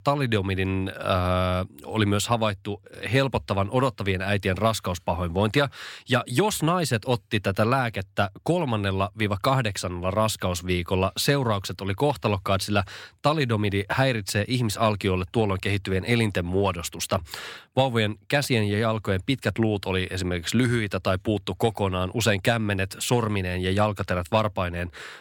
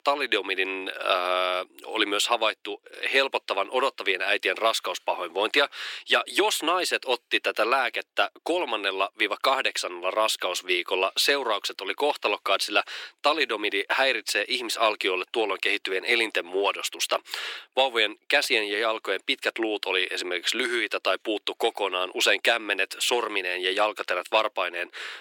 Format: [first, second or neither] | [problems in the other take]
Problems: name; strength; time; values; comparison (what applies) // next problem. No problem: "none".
first | thin; very; fading below 350 Hz